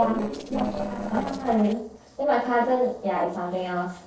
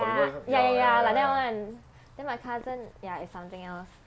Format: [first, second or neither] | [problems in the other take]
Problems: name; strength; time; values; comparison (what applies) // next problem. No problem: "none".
second | noise reduction (neural separator model SepFormer DNS4)